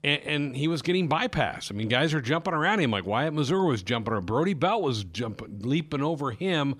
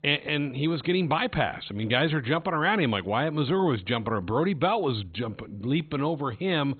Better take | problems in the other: first | garbled, watery; badly; nothing above 4 kHz

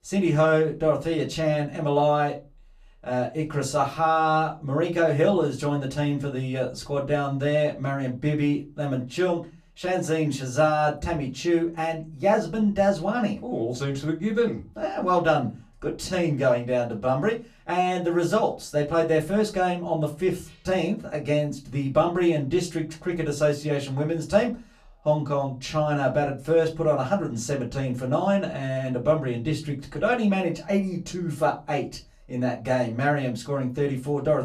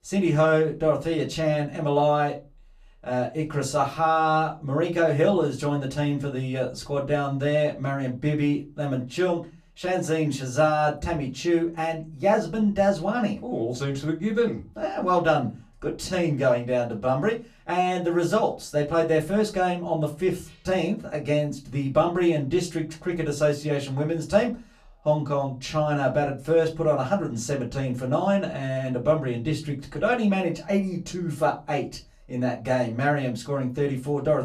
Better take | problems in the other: neither | off-mic speech; far; the same in both // room echo; very slight; dies away in 0.2 s; the same in both

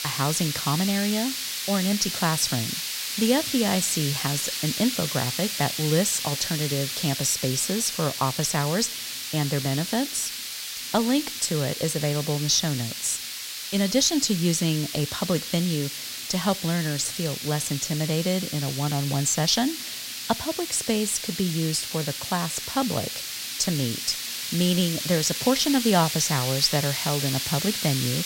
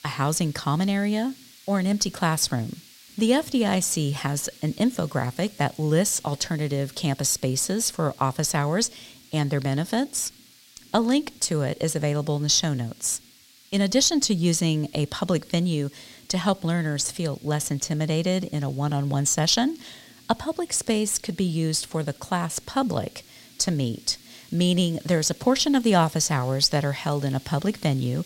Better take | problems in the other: second | hiss; loud; throughout; 4 dB below the speech; faint in the second

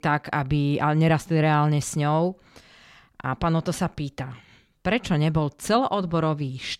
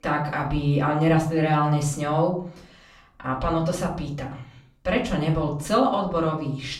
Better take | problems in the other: first | room echo; slight; dies away in 0.4 s // off-mic speech; far

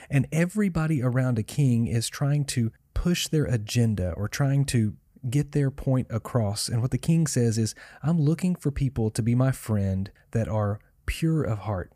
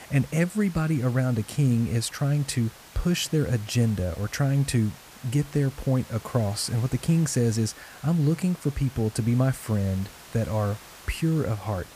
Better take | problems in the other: first | hiss; noticeable; throughout; 20 dB below the speech

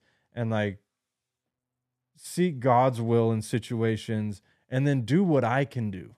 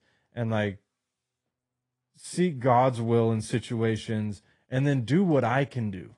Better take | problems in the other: first | garbled, watery; slightly; nothing above 10 kHz

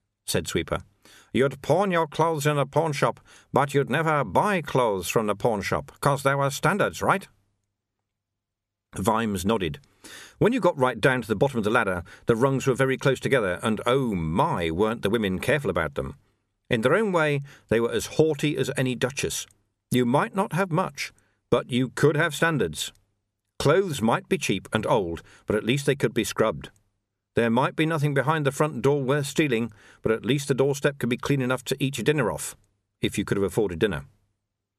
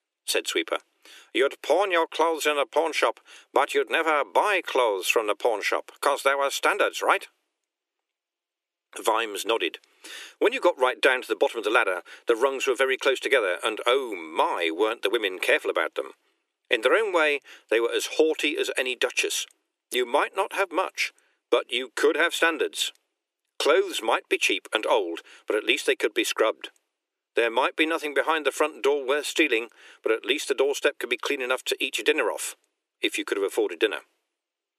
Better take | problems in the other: first | thin; very; fading below 300 Hz

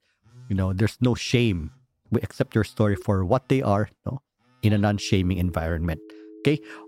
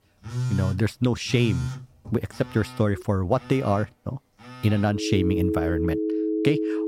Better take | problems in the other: first | alarms or sirens; loud; throughout; 2 dB below the speech; faint in the first

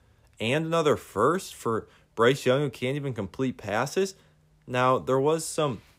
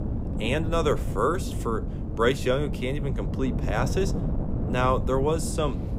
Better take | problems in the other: first | wind noise on the microphone; occasional gusts; 10 dB below the speech

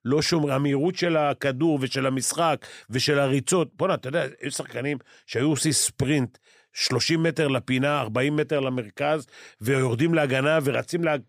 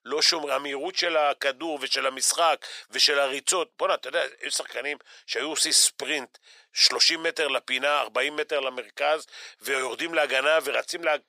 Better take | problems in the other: first | thin; very; fading below 550 Hz

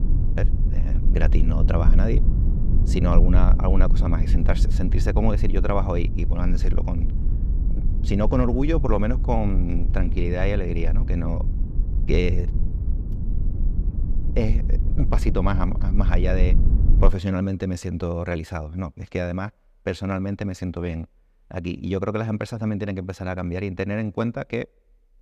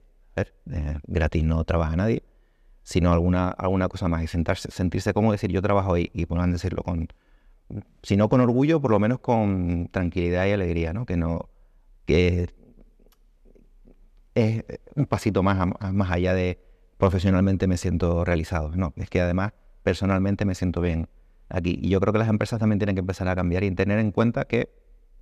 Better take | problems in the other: second | low rumble; noticeable; until 17 s; 10 dB below the speech

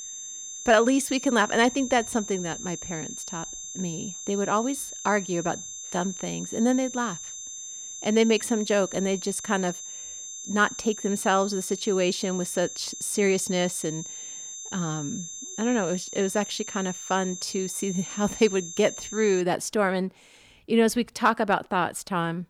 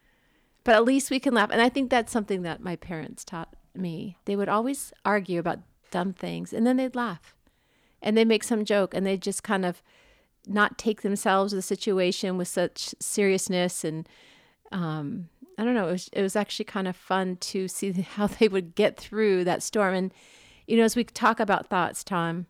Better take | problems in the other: second | high-pitched whine; loud; until 19 s; 6.5 kHz, 9 dB below the speech

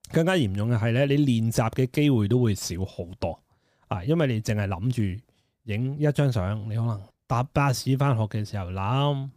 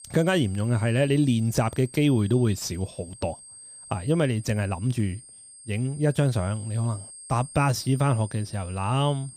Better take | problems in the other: first | high-pitched whine; noticeable; throughout; 8.5 kHz, 15 dB below the speech

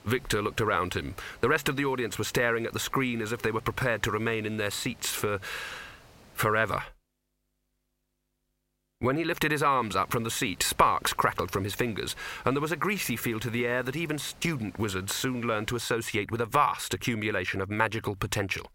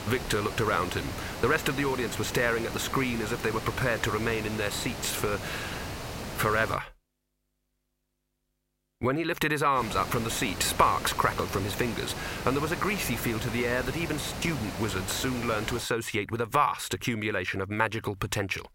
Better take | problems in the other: first | hiss; loud; until 7 s and from 10 to 16 s; 8 dB below the speech; faint in the first

